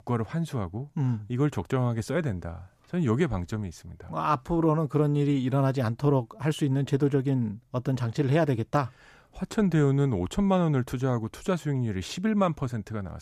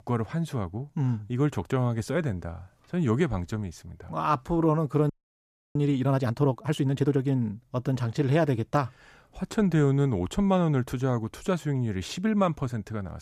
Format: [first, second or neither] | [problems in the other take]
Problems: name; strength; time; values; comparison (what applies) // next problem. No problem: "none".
first | audio freezing; at 5 s for 0.5 s